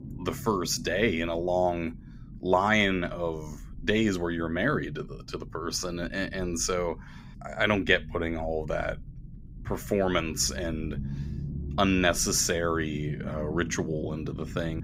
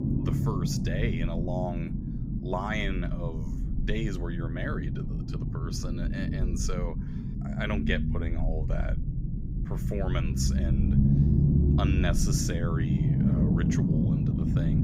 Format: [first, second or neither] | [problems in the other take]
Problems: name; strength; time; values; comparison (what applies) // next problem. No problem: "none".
first | low rumble; loud; throughout; 2 dB below the speech; faint in the first